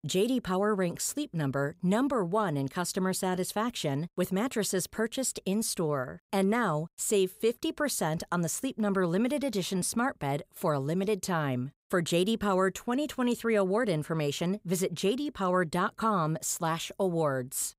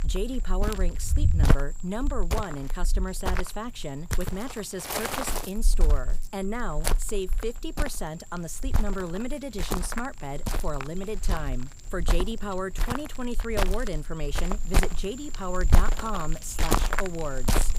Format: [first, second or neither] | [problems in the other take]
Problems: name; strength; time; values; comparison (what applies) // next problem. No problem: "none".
first | animal sounds; very loud; throughout; 3 dB above the speech